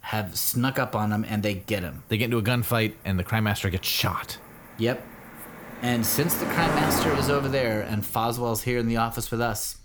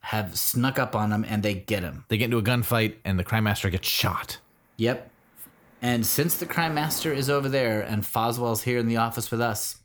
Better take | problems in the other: second | animal sounds; loud; throughout; 5 dB below the speech; faint in the second

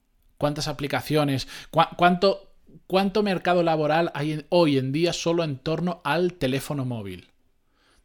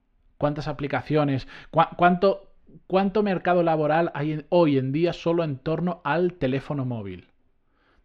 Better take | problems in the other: first | muffled; slightly; fading above 2 kHz

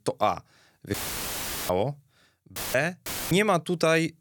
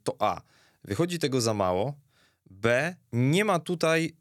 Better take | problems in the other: second | audio cutting out; filled with static; at 1 s for 1 s, at 2.5 s and at 3 s

